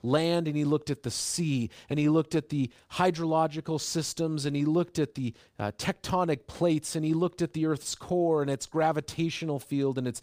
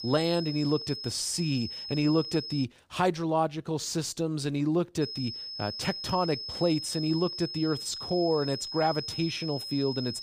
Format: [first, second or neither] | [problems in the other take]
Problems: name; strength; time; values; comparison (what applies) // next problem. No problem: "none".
first | high-pitched whine; loud; until 2.5 s and from 5 s on; 5 kHz, 6 dB below the speech